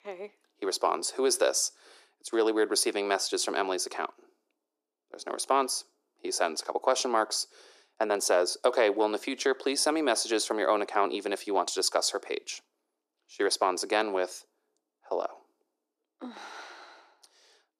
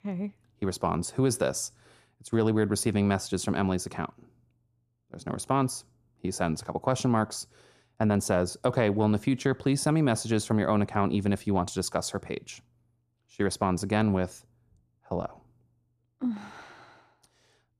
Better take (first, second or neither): second